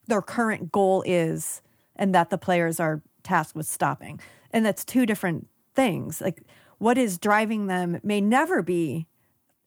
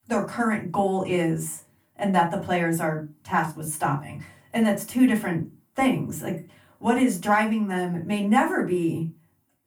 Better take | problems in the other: first | off-mic speech; far // room echo; very slight; dies away in 0.2 s

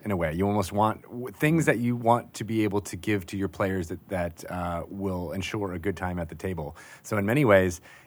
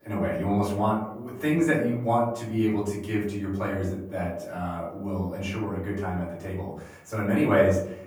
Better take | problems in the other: first | off-mic speech; far // room echo; noticeable; dies away in 0.6 s

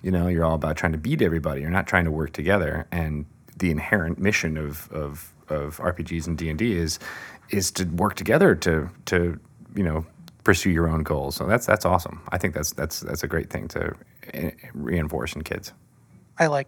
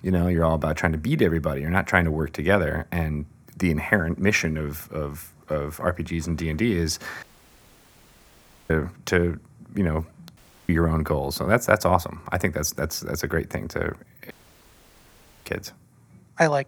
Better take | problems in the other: first | audio cutting out; at 7 s for 1.5 s, at 10 s and at 14 s for 1 s

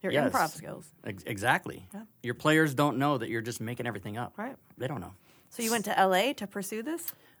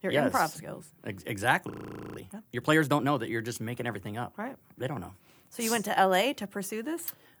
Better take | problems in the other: first | audio freezing; at 1.5 s

